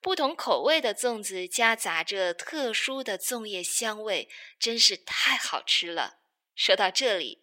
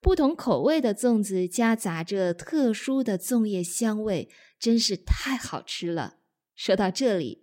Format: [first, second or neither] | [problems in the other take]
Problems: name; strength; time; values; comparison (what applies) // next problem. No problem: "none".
second | thin; very; fading below 750 Hz